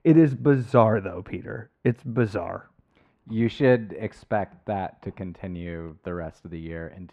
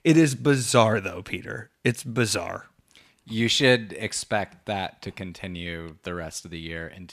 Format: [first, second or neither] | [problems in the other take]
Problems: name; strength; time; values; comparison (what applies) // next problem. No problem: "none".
second | muffled; very; fading above 3 kHz